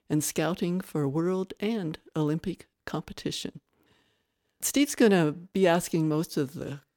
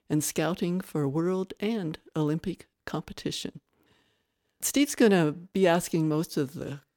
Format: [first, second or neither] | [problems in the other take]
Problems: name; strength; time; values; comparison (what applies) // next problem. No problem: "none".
neither | none